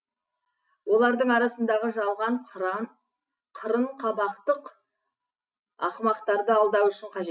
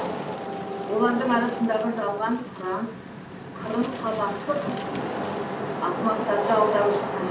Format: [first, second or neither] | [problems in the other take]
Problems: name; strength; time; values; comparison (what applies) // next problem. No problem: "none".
first | background sound (Wind / Rain); 4 dB below the speech // room echo; dies away in 0.3 s